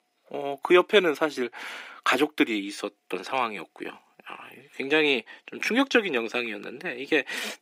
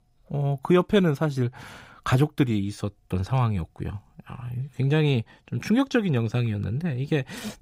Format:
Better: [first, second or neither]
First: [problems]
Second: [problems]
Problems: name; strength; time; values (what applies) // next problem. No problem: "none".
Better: second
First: thin; somewhat; fading below 300 Hz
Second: none